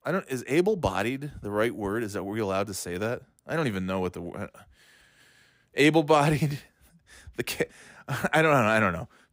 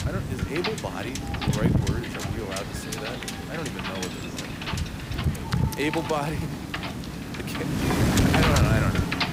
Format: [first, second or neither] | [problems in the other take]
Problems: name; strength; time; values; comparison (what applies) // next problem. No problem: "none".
first | wind noise on the microphone; heavy; 2 dB above the speech